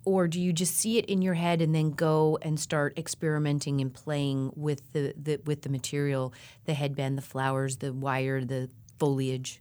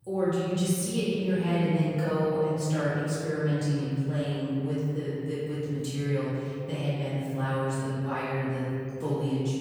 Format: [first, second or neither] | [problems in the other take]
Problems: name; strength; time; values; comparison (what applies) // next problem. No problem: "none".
first | off-mic speech; far // room echo; strong; dies away in 2.8 s